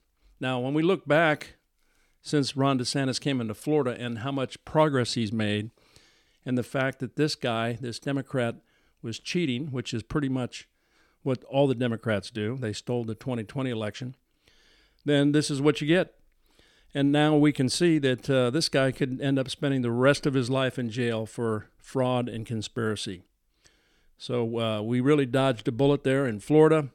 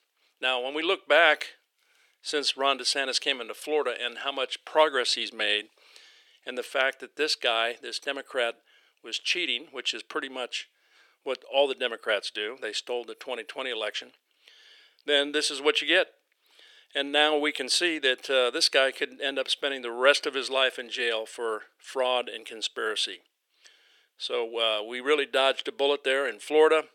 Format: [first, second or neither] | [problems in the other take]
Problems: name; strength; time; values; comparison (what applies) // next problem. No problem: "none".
first | thin; very; fading below 450 Hz